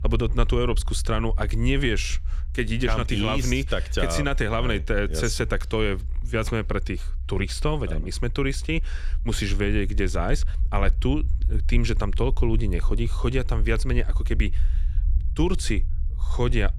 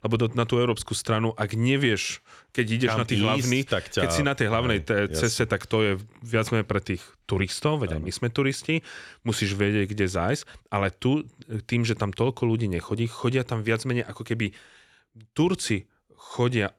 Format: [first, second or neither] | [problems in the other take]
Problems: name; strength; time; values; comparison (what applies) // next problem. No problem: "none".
second | low rumble; faint; throughout; 20 dB below the speech